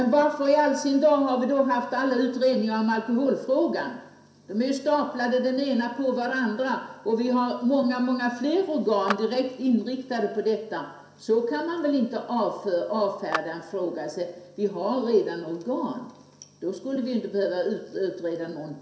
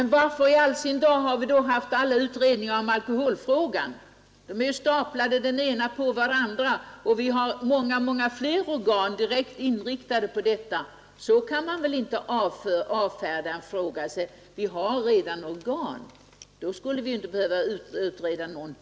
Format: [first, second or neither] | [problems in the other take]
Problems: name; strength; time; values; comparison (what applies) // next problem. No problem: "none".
second | background sound (Clapping); 12 dB below the speech // room echo; dies away in 0.7 s